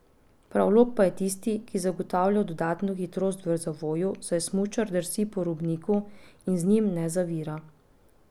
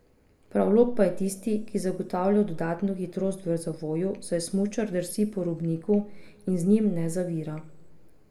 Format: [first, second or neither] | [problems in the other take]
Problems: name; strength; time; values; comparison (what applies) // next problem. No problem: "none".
first | room echo; dies away in 0.6 s